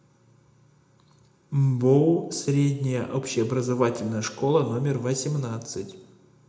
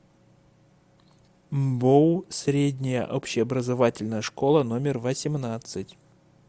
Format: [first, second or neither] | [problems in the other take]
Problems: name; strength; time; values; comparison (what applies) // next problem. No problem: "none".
second | room echo; dies away in 0.6 s